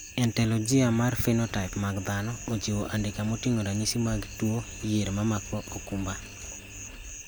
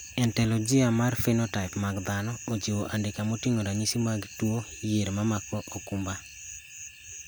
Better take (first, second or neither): second